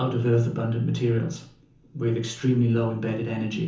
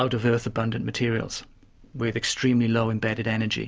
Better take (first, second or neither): second